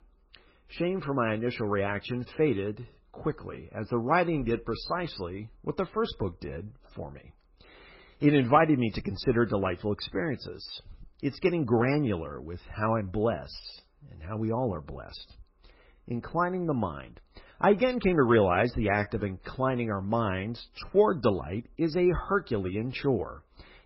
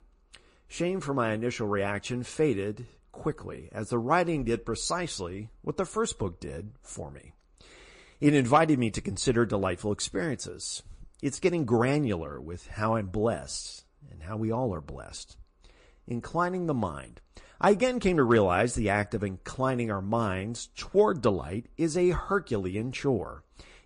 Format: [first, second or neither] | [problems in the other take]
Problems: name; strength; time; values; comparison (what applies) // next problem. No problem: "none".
second | garbled, watery; badly; nothing above 5.5 kHz; slightly in the second